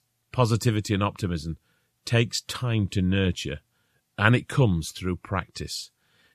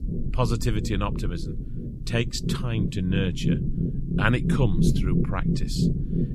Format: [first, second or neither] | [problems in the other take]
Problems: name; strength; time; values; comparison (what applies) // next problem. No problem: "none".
first | low rumble; loud; throughout; 5 dB below the speech